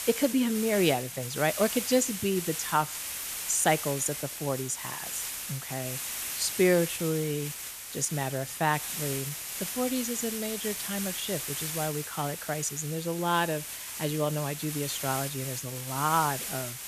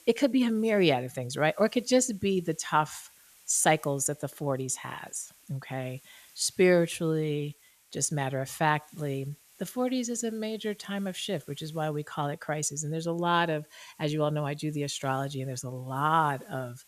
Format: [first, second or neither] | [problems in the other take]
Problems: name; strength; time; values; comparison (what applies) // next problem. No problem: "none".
second | hiss; loud; throughout; 4 dB below the speech; faint in the second